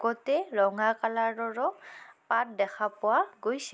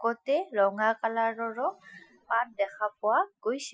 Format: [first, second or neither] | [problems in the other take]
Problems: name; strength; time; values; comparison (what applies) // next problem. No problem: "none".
first | noise reduction (classical method Wiener filter)